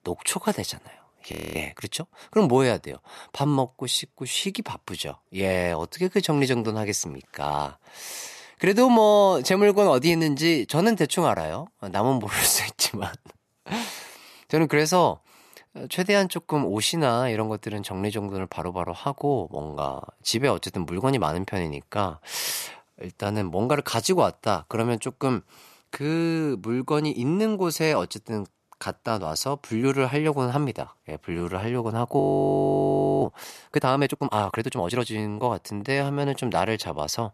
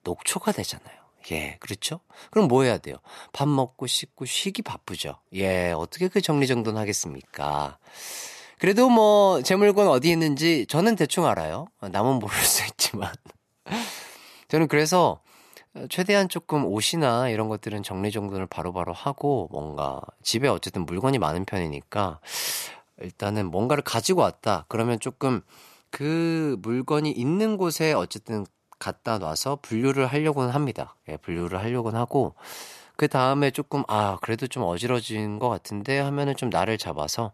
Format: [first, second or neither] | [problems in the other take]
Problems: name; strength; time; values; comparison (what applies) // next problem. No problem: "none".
second | audio freezing; at 1.5 s and at 32 s for 1 s